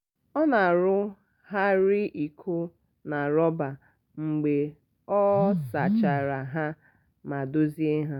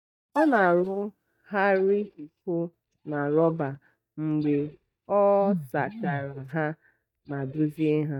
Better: first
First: none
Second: noise reduction (neural mask model DeepFilterNet 3)

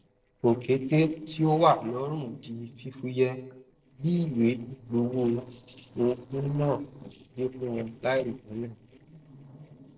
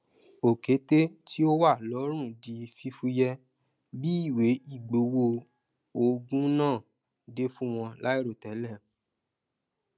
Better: second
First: noise reduction (neural separator model SepFormer DNS4)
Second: none

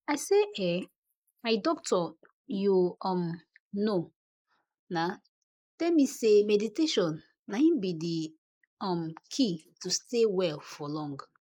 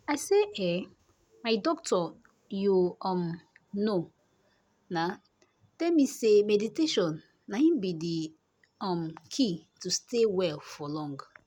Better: second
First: noise reduction (neural mask model Resemble Enhance denoiser)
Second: none

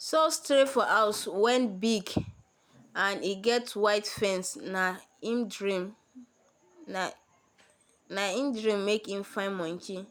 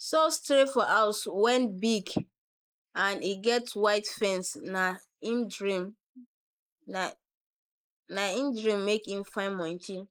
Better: first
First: none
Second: noise reduction (neural mask model Resemble Enhance denoiser)

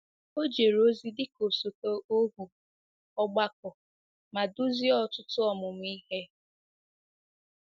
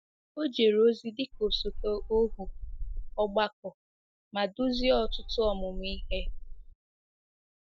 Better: first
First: none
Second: noise reduction (neural mask model DeepFilterNet 3)

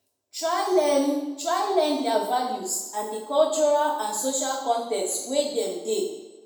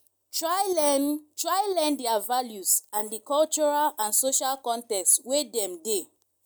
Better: second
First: room echo; dies away in 0.9 s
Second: none

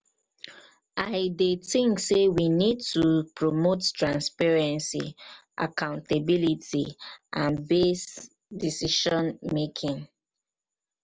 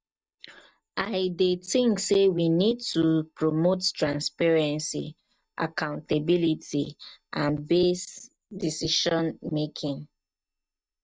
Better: first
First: none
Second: noise reduction (neural mask model DeepFilterNet 3)

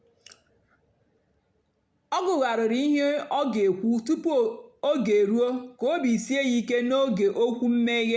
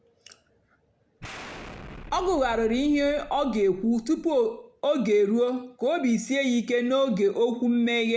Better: first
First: none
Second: background sound (Explosion); 17 dB below the speech

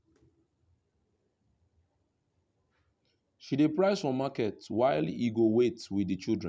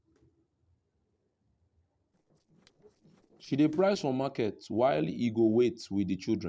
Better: first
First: none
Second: noise reduction (neural separator model SepFormer DNS4)

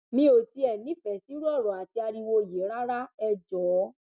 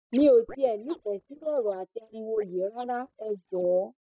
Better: first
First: none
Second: noise reduction (neural mask model DeepFilterNet 3)

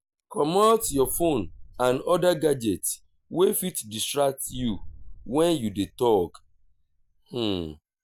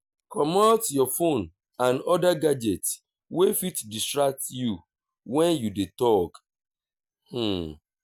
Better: second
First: background sound (Boom); 17 dB below the speech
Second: none

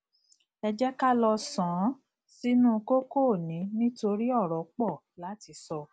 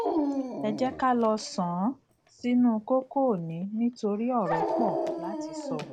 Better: first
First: none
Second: background sound (Dog); 5 dB below the speech

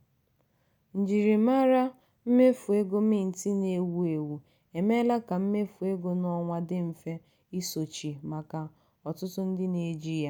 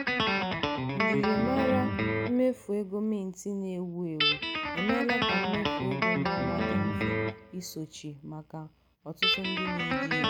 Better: first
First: none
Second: background sound (Guitar); 3 dB above the speech

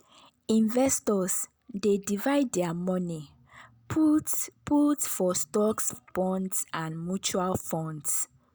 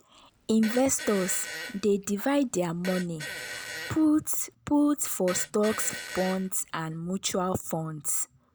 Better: first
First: none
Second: background sound (Fart); 13 dB below the speech

